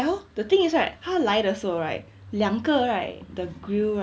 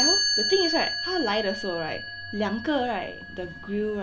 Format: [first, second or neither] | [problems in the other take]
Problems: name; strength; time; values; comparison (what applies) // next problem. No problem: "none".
first | background sound (Chime); 1 dB below the speech